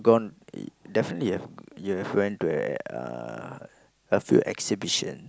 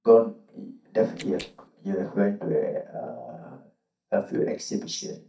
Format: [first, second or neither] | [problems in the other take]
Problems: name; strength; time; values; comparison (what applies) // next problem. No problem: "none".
first | noise reduction (neural mask model DeepFilterNet 3)